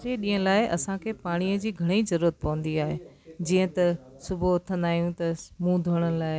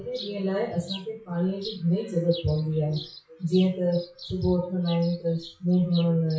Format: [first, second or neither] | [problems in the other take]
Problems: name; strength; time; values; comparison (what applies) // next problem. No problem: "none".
first | noise reduction (classical method WPE with log-MMSE)